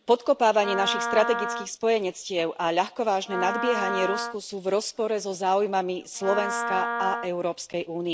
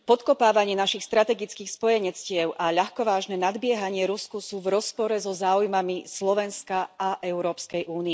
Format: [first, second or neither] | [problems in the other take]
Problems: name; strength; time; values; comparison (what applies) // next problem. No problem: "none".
second | background sound (Wind instrument, woodwind instrument); 6 dB below the speech